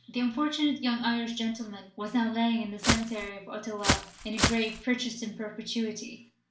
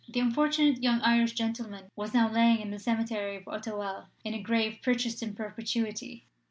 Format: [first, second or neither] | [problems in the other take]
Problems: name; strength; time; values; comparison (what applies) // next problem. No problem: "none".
second | background sound (Walk, footsteps); 2 dB above the speech // room echo; dies away in 0.4 s